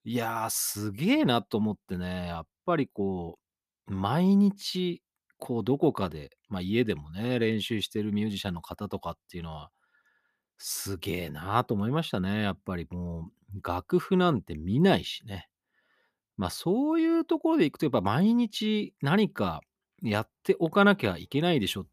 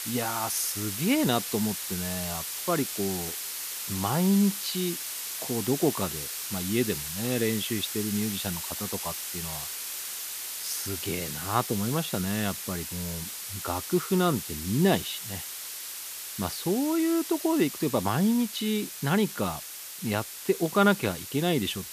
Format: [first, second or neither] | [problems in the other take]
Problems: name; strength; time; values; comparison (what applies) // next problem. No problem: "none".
first | hiss; loud; throughout; 5 dB below the speech